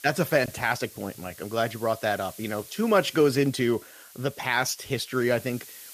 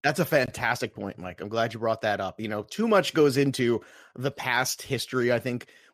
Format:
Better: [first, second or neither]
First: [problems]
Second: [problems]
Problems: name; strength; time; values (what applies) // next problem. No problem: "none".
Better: second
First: hiss; noticeable; throughout; 20 dB below the speech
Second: none